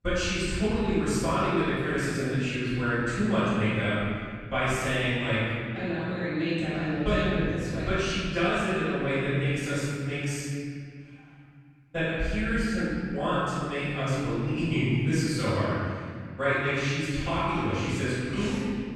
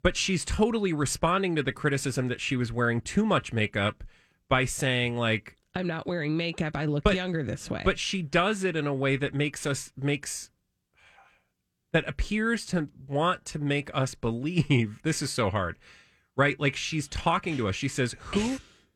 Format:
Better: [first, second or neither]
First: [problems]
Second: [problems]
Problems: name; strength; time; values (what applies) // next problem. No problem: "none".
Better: second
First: room echo; strong; dies away in 2.3 s // off-mic speech; far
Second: none